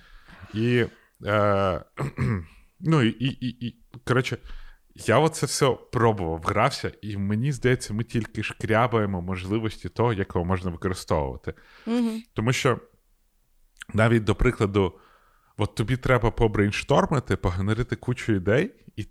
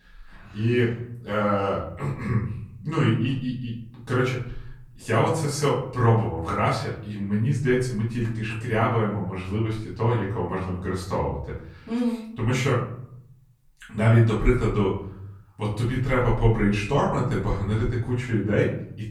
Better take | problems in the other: first | off-mic speech; far // room echo; noticeable; dies away in 0.6 s

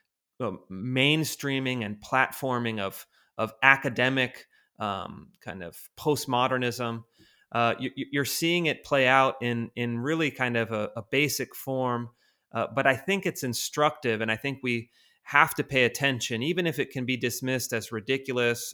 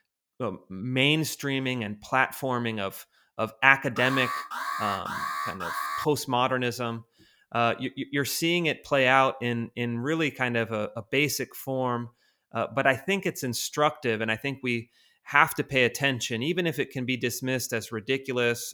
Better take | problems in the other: first | alarm; noticeable; from 4 to 6 s; peak 4 dB below the speech

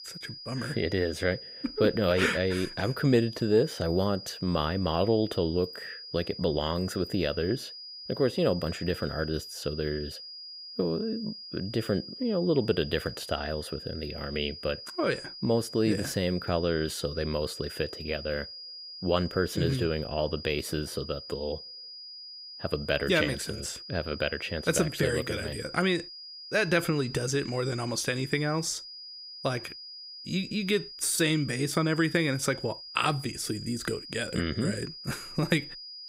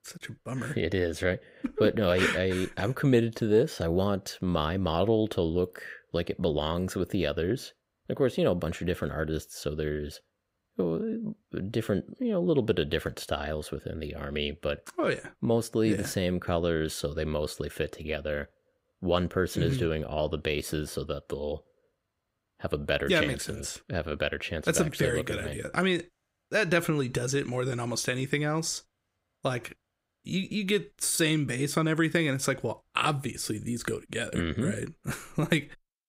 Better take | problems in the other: second | high-pitched whine; noticeable; throughout; 5 kHz, 10 dB below the speech

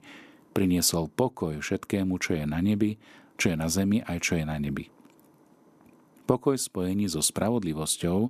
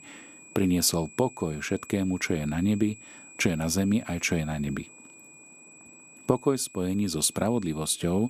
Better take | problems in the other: first | high-pitched whine; noticeable; throughout; 2.5 kHz, 20 dB below the speech

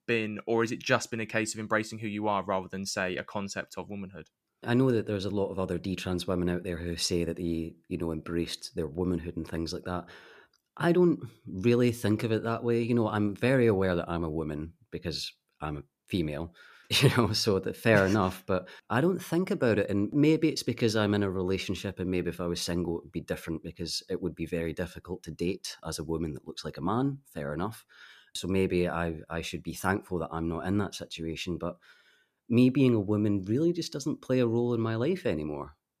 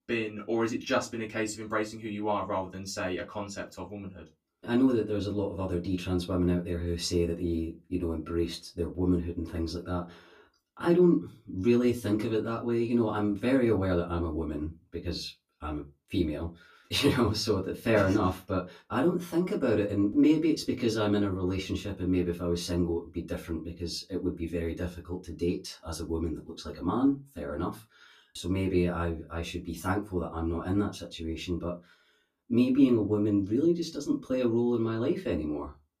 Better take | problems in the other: first | off-mic speech; far // room echo; very slight; dies away in 0.2 s

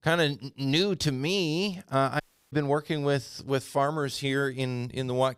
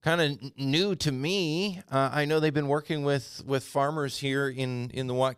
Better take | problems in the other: second | audio cutting out; at 2 s

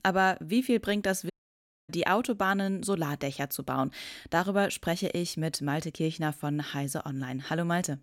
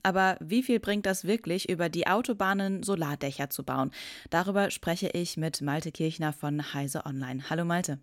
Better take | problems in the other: second | audio cutting out; at 1.5 s for 0.5 s

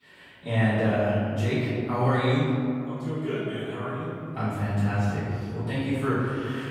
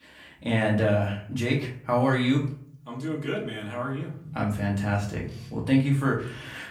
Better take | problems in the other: second | room echo; strong; dies away in 2.5 s; slight in the second // off-mic speech; far; far in the second

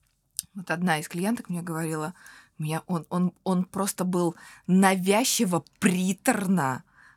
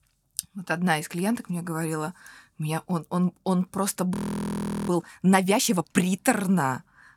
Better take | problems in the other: first | audio freezing; at 4 s for 1 s

